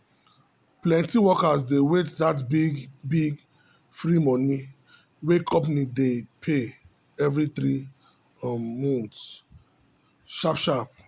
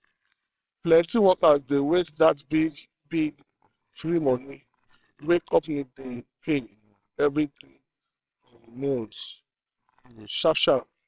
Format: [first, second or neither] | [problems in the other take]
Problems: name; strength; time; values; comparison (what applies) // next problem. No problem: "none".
first | noise reduction (neural separator model SepFormer WHAMR!)